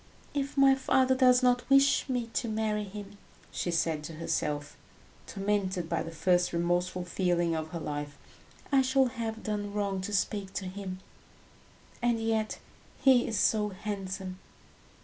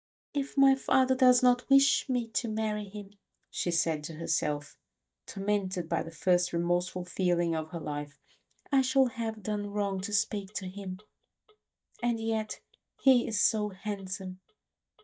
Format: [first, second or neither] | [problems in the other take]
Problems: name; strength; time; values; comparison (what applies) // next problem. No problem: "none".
first | noise reduction (neural mask model DeepFilterNet 3)